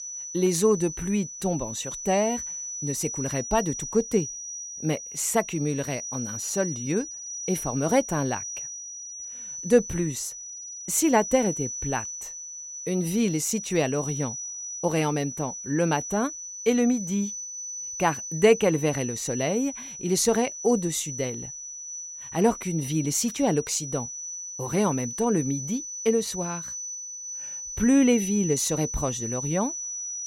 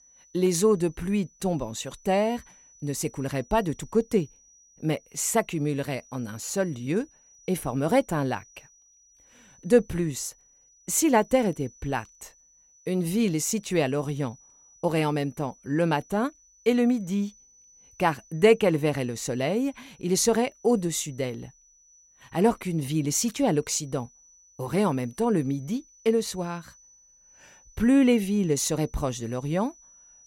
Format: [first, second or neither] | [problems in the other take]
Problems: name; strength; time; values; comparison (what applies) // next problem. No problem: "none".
second | high-pitched whine; loud; throughout; 6 kHz, 7 dB below the speech; faint in the second